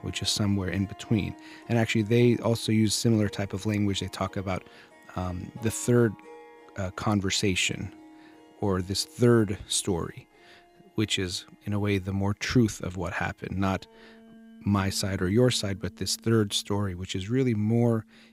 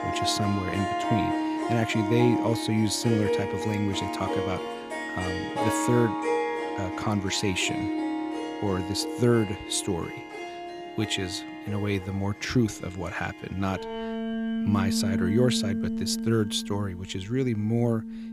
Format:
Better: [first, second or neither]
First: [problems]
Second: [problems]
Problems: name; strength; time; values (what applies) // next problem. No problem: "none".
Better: first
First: background music; faint; throughout; 25 dB below the speech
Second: background music; loud; throughout; 3 dB below the speech